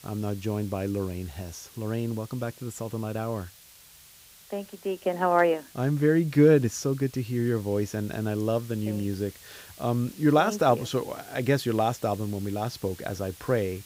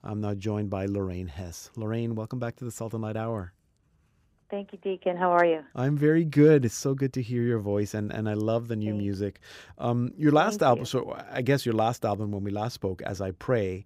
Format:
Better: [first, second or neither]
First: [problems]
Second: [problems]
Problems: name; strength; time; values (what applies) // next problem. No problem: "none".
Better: second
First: hiss; faint; throughout; 20 dB below the speech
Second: none